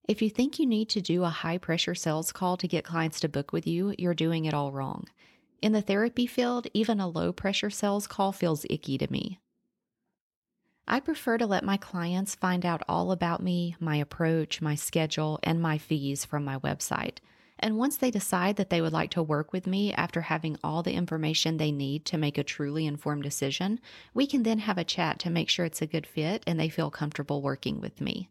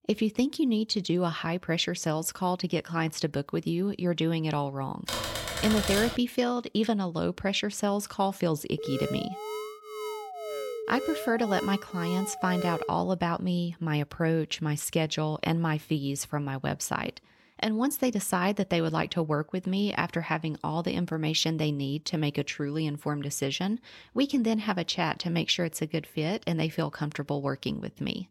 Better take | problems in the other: first | keyboard typing; loud; from 5 to 6 s; peak level with the speech // alarm; noticeable; from 9 to 13 s; peak 6 dB below the speech

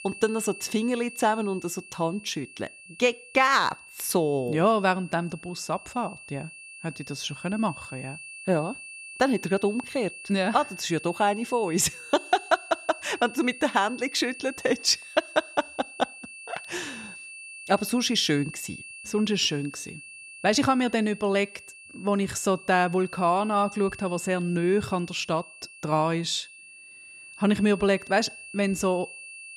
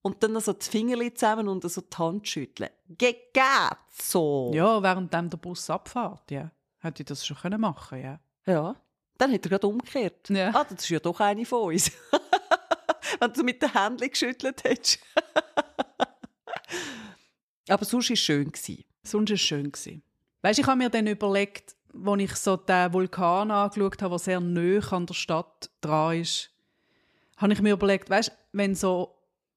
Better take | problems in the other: second | high-pitched whine; noticeable; throughout; 2.5 kHz, 15 dB below the speech

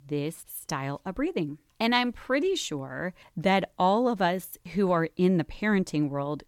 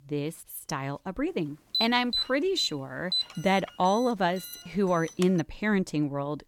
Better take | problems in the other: first | alarm; loud; from 1.5 to 5.5 s; peak level with the speech

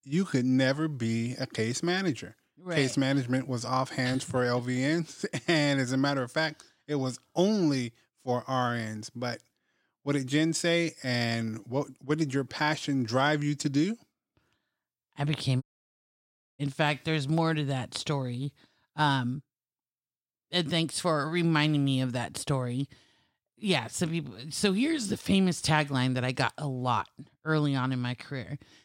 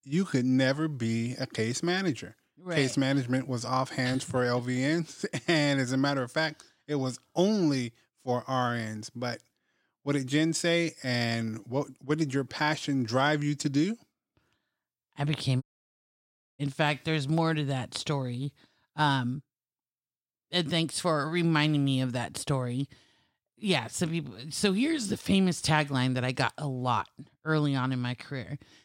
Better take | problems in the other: neither | audio cutting out; at 16 s for 1 s; the same in both

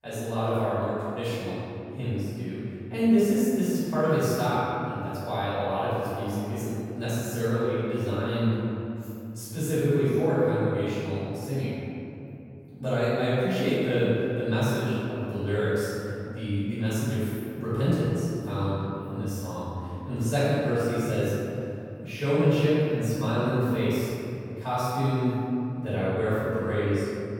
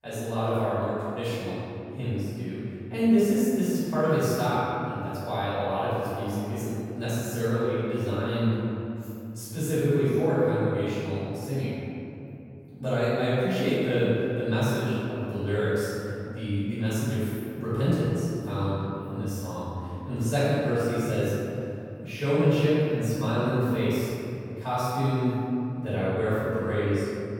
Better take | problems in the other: neither | room echo; strong; dies away in 2.8 s; the same in both // off-mic speech; far; the same in both

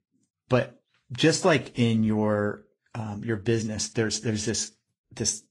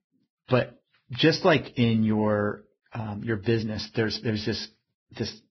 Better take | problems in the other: first | garbled, watery; badly; nothing above 5.5 kHz; slightly in the first

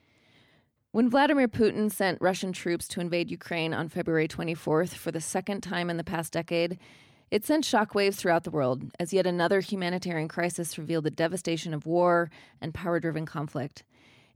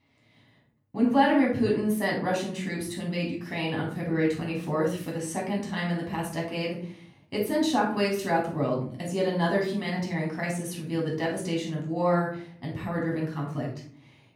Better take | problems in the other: first | off-mic speech; far // room echo; noticeable; dies away in 0.5 s

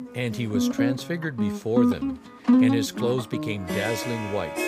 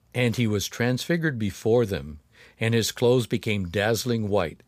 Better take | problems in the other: second | background music; very loud; throughout; 4 dB above the speech

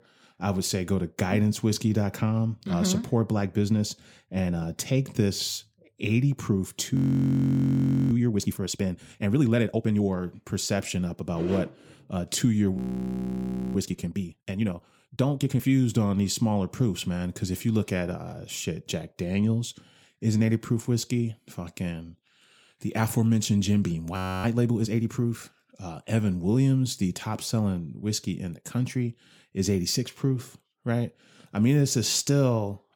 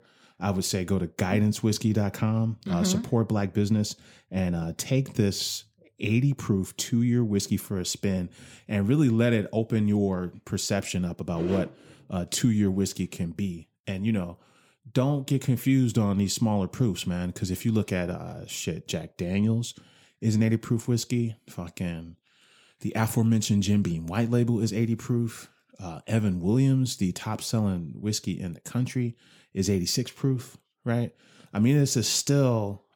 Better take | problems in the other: second | audio freezing; at 7 s for 1 s, at 13 s for 1 s and at 24 s

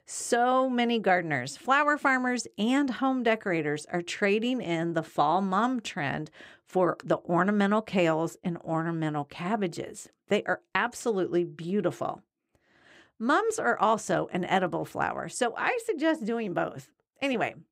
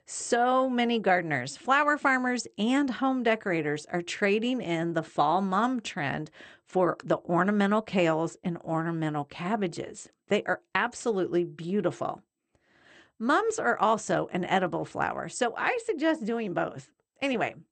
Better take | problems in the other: first | garbled, watery; slightly; nothing above 8.5 kHz

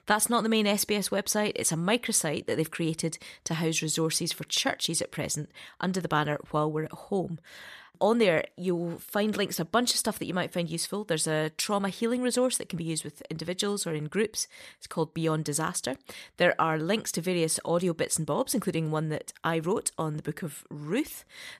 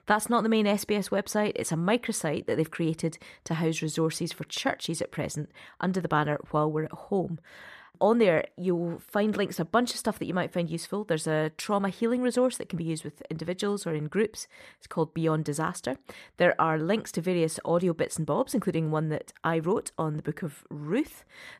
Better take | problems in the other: first | muffled; slightly; fading above 2.5 kHz

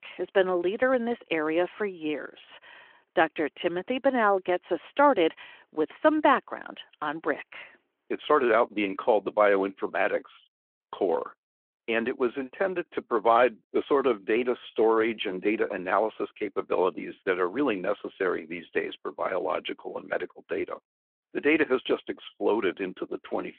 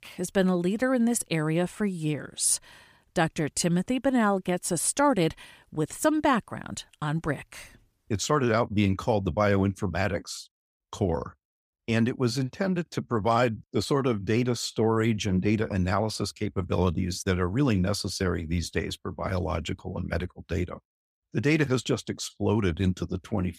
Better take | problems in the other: second | phone-call audio

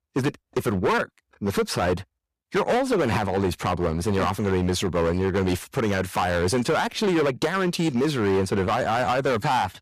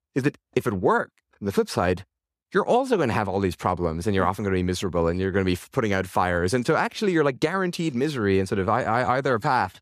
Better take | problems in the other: second | distortion; heavy; 15% of the sound clipped

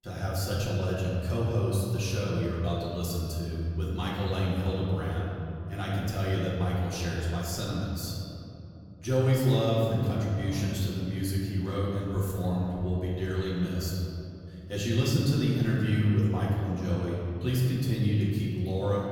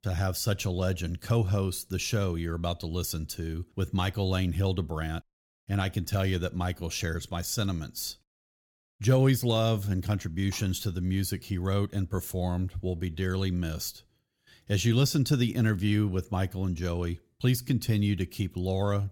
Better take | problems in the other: second | room echo; noticeable; dies away in 2.6 s // off-mic speech; far

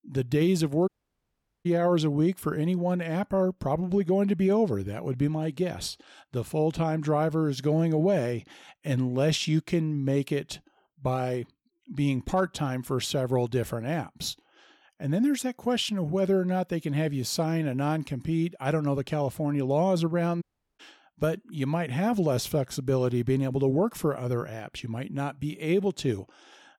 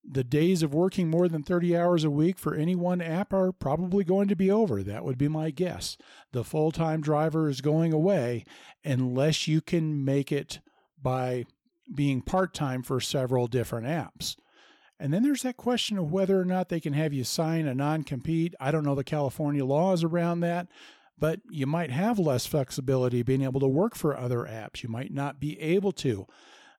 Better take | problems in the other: second | audio cutting out; at 1 s for 1 s and at 20 s

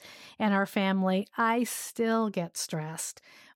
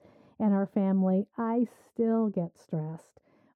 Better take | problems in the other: first | muffled; very; fading above 1.5 kHz

